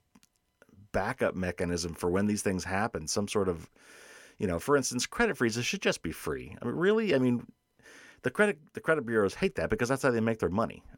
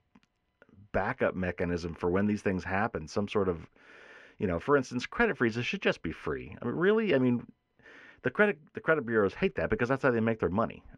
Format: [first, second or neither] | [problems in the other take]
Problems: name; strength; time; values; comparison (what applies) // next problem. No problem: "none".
first | muffled; slightly; fading above 2.5 kHz